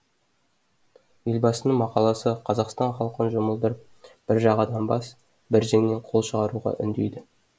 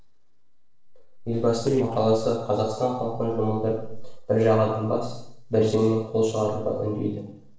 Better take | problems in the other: first | noise reduction (neural separator model SepFormer DNS4)

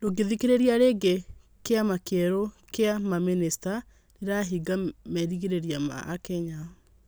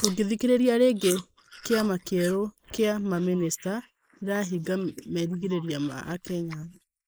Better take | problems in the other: first | noise reduction (neural mask model Resemble Enhance denoiser)

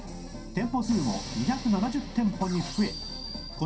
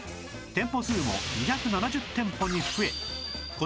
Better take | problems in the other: second | background sound (Engine); 15 dB below the speech // room echo; dies away in 0.3 s

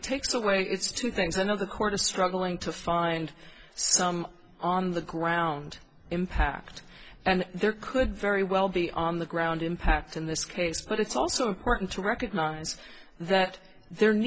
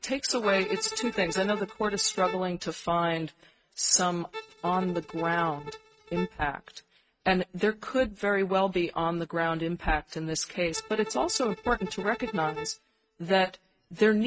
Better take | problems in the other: first | noise reduction (neural mask model RNNoise)

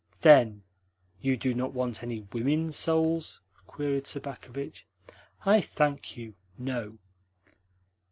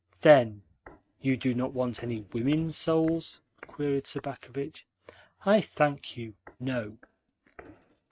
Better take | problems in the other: first | noise reduction (neural mask model RNNoise)

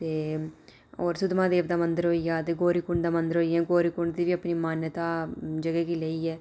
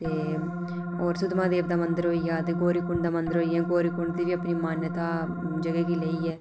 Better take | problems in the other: first | background sound (Organ); 3 dB below the speech

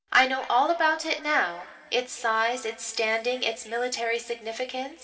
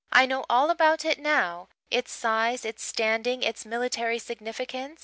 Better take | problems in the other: second | room echo; dies away in 2.4 s

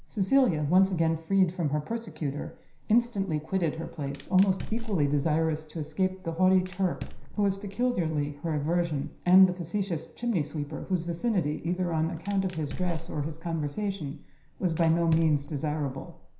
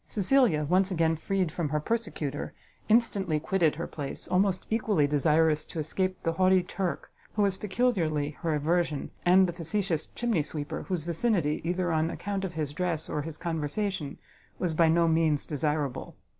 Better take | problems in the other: second | background sound (Fire); 11 dB below the speech // room echo; dies away in 0.5 s

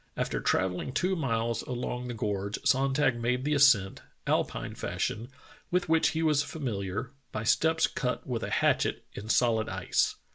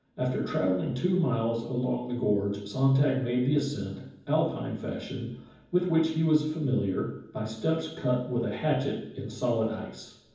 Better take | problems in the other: first | room echo; dies away in 0.9 s

